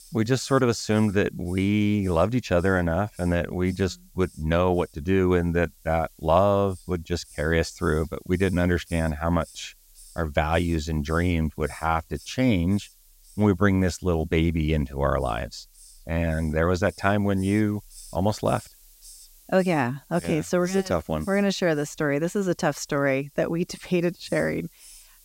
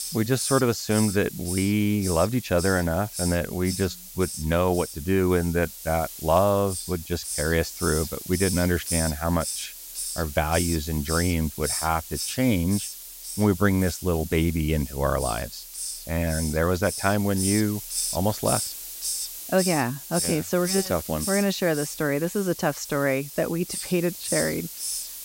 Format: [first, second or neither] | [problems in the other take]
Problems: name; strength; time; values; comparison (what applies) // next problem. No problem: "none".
first | hiss; loud; throughout; 6 dB below the speech; faint in the first